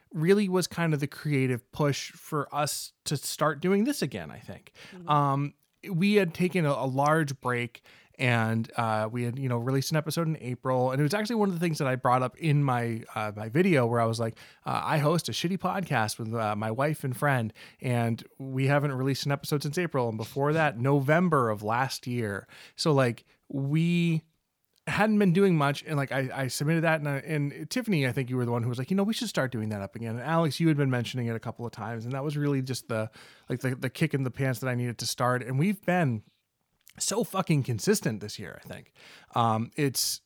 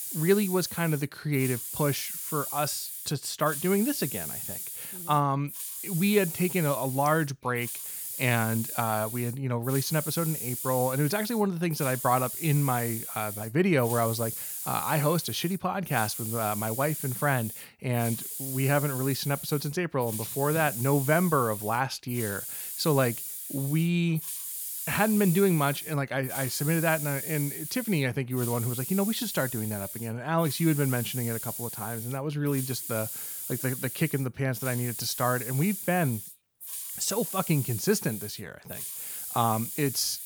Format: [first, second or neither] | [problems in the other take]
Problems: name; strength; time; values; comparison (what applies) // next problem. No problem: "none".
first | hiss; loud; throughout; 6 dB below the speech